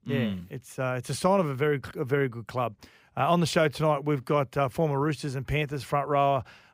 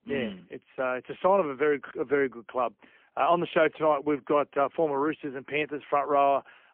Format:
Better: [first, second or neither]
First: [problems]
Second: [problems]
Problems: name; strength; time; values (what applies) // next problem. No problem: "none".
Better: first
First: none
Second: phone-call audio; poor line; nothing above 3.5 kHz